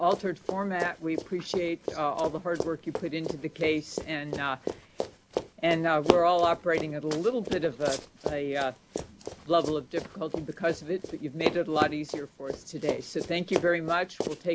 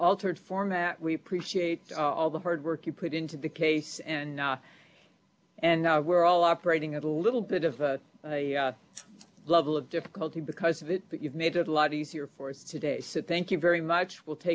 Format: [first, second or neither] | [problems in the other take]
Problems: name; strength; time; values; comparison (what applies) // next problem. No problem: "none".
second | background sound (Run); 6 dB below the speech